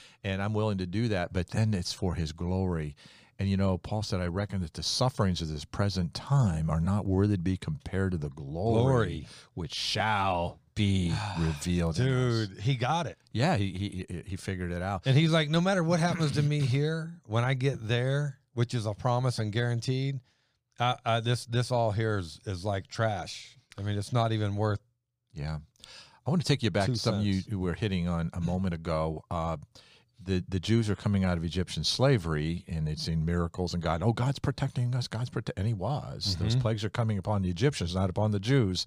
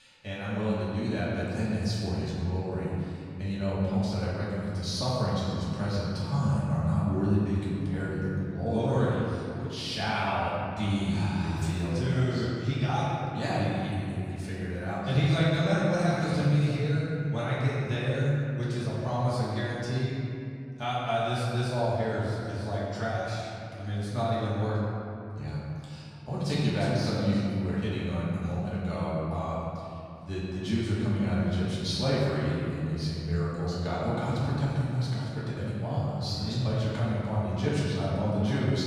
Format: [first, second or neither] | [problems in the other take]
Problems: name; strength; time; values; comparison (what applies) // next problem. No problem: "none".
first | off-mic speech; far // room echo; strong; dies away in 2.4 s